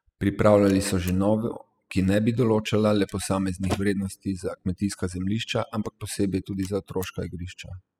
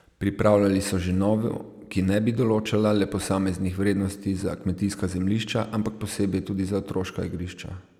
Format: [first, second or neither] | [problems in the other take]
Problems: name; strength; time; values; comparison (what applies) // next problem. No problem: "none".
second | noise reduction (classical method spectral subtraction)